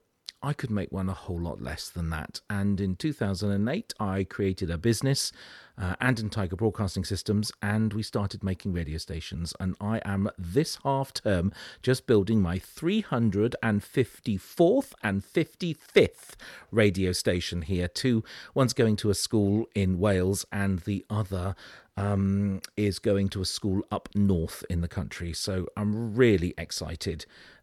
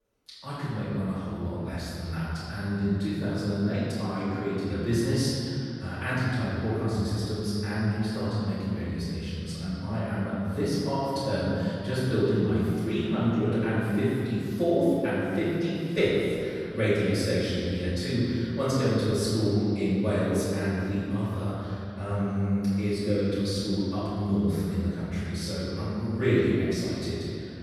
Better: first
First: none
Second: off-mic speech; far // room echo; strong; dies away in 2.5 s

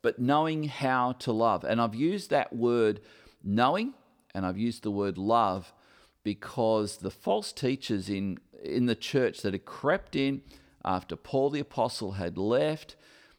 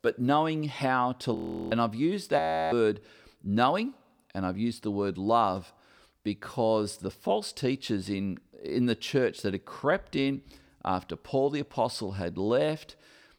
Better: first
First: none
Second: audio freezing; at 1.5 s and at 2.5 s

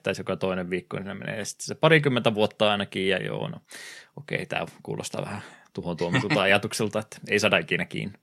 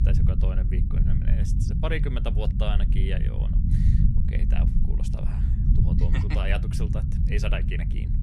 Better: first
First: none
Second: low rumble; loud; throughout; 3 dB below the speech

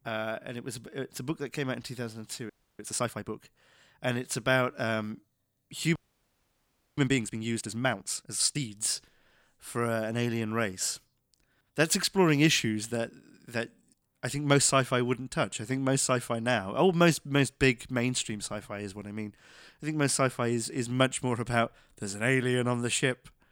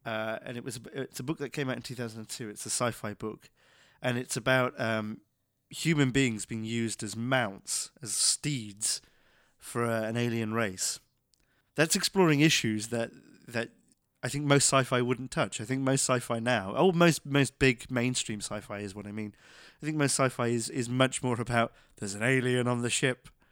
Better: second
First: audio freezing; at 2.5 s and at 6 s for 1 s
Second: none

